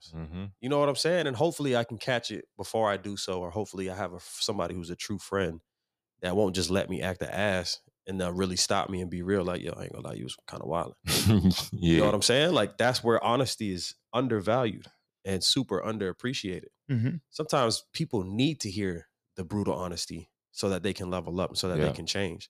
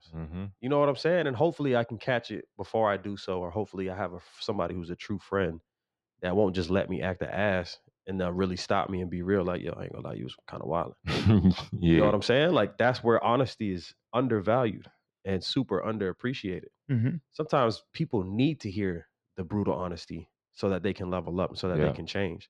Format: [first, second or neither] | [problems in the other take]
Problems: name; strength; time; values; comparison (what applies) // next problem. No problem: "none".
first | muffled; slightly; fading above 2.5 kHz